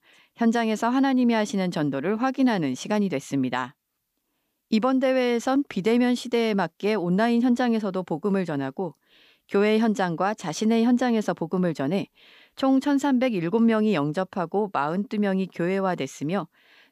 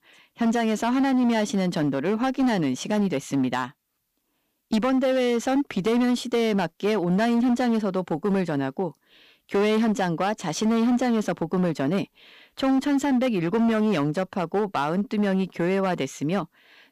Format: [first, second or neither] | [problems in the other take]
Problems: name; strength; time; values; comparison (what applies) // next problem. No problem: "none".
first | distortion; slight; 14% of the sound clipped